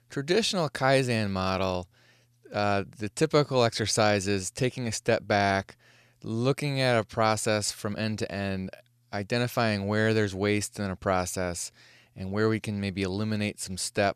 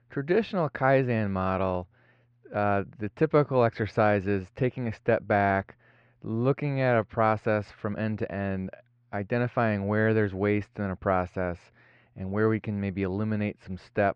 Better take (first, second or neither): first